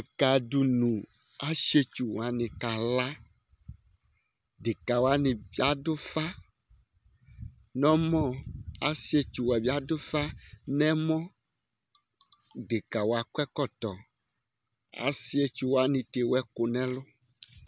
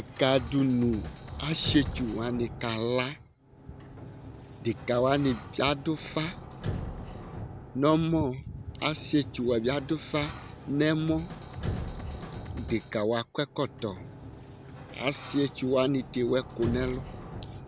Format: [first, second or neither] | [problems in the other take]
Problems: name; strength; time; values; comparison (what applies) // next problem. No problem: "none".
first | background sound (Sliding door + Drum kit); 10 dB below the speech